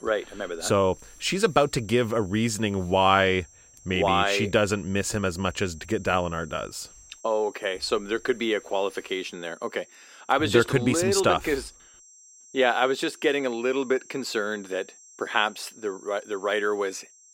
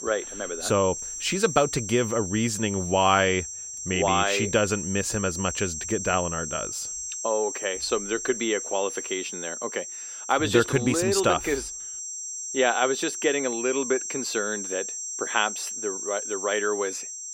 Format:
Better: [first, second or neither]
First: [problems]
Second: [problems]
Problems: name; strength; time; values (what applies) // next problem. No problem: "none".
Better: first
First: high-pitched whine; faint; throughout; 7.5 kHz, 25 dB below the speech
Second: high-pitched whine; loud; throughout; 7.5 kHz, 6 dB below the speech